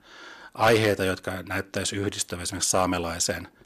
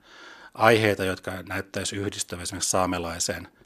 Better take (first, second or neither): second